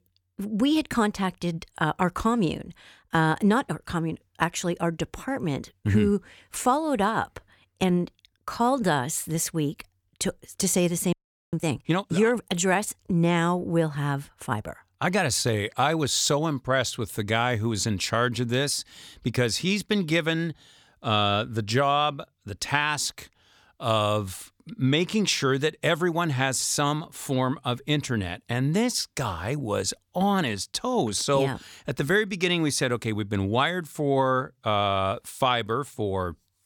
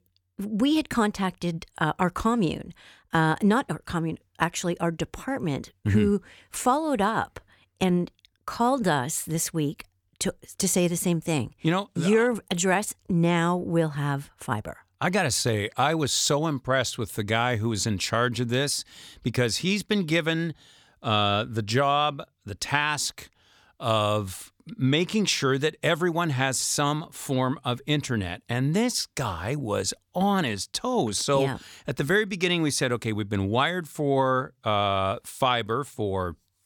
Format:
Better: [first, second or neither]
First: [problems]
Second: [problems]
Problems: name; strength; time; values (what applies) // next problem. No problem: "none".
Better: second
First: audio freezing; at 11 s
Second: none